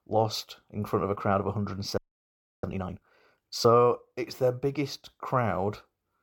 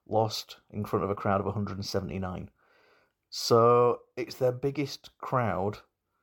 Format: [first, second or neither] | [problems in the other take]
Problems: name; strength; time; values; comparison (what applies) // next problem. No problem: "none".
second | audio freezing; at 2 s for 0.5 s